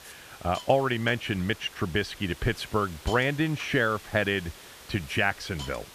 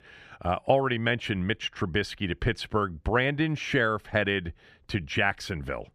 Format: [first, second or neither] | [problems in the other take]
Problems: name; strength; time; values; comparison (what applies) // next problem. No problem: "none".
second | hiss; noticeable; throughout; 15 dB below the speech